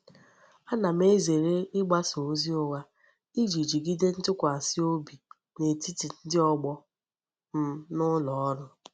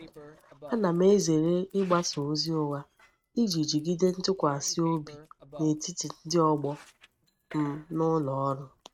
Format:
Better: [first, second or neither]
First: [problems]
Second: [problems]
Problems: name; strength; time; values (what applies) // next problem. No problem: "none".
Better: first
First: none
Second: noise reduction (neural mask model RNNoise)